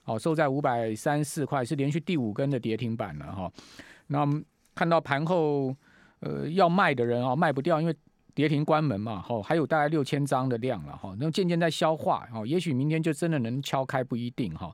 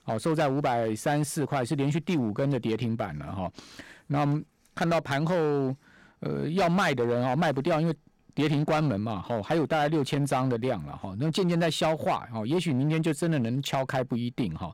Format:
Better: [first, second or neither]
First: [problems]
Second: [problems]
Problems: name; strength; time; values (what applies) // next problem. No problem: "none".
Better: first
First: none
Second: distortion; slight; 10% of the sound clipped